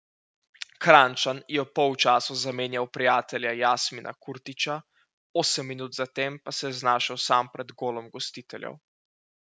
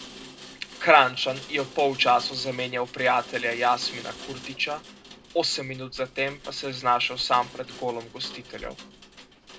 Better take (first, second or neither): first